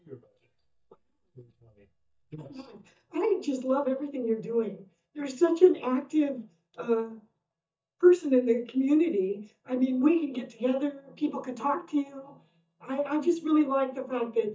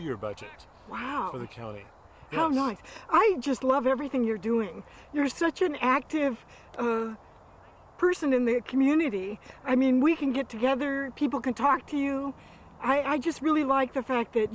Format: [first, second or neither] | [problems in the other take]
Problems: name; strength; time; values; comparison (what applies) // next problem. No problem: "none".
second | noise reduction (neural mask model DeepFilterNet 3)